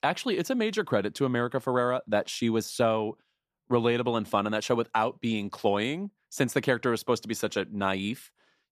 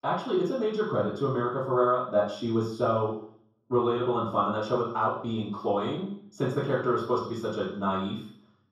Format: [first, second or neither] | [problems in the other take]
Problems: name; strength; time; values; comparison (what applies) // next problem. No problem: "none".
first | room echo; noticeable; dies away in 0.6 s // off-mic speech; far